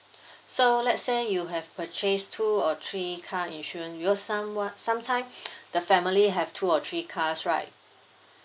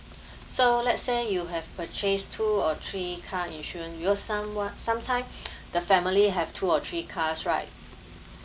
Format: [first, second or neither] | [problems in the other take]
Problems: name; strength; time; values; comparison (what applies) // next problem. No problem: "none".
first | background sound (Frying (food)); 17 dB below the speech